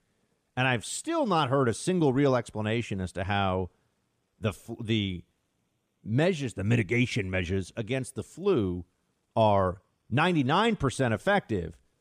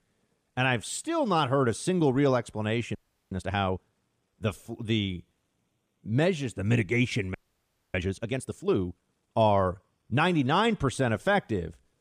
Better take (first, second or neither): first